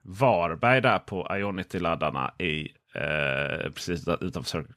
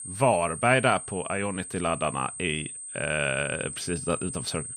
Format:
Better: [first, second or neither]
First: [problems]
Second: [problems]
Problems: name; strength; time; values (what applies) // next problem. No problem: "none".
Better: first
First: none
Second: high-pitched whine; loud; throughout; 8.5 kHz, 9 dB below the speech